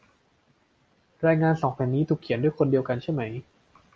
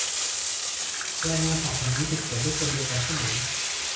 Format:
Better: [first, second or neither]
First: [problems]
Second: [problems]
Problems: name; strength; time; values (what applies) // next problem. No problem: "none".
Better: first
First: none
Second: background sound (Bathtub (filling or washing)); 3 dB above the speech // room echo; dies away in 0.6 s